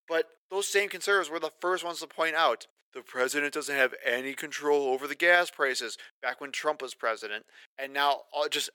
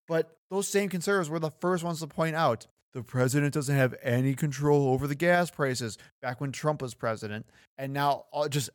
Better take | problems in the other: second | thin; very; fading below 350 Hz

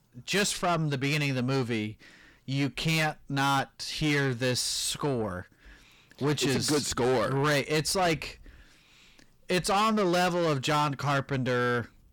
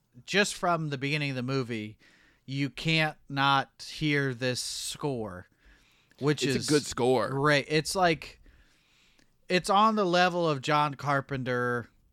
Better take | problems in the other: second | distortion; heavy; 7 dB below the speech

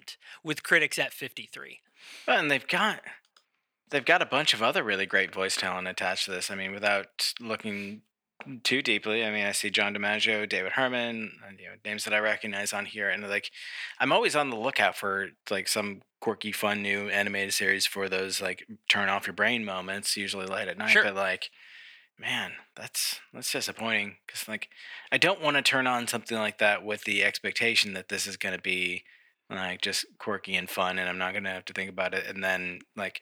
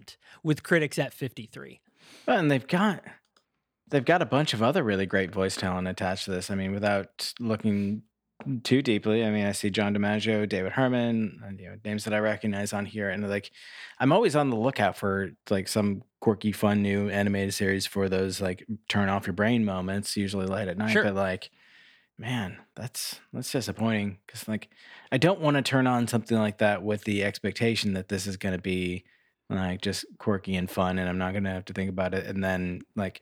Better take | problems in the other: second | thin; somewhat; fading below 1 kHz

